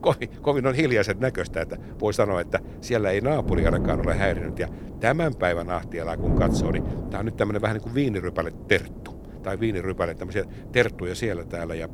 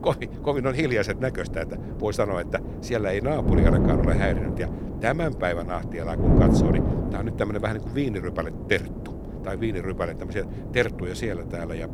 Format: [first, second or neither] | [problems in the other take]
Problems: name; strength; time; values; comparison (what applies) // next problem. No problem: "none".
first | wind noise on the microphone; heavy; 5 dB below the speech; occasional gusts in the first